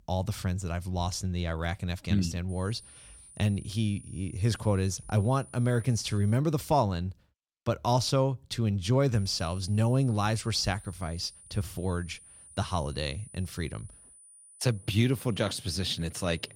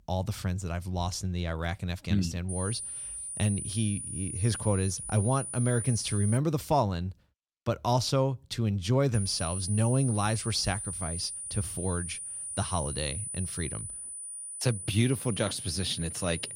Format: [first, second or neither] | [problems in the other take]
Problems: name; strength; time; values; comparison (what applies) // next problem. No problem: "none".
first | high-pitched whine; loud; from 2.5 to 6.5 s and from 9 s on; 9.5 kHz, 5 dB below the speech; faint in the first